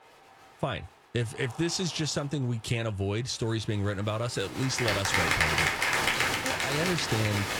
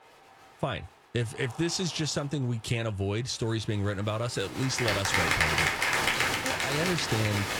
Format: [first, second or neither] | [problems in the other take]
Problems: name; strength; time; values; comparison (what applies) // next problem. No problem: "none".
neither | crowd noise; very loud; throughout; 4 dB above the speech; the same in both